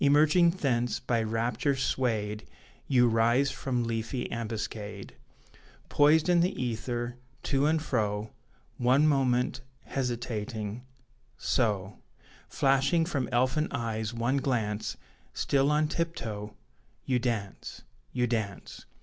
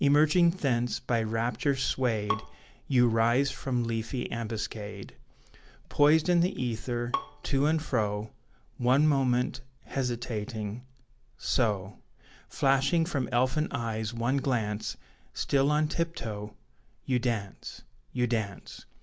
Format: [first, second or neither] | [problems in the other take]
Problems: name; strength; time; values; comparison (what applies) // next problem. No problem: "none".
first | background sound (Bowed string instrument); 13 dB below the speech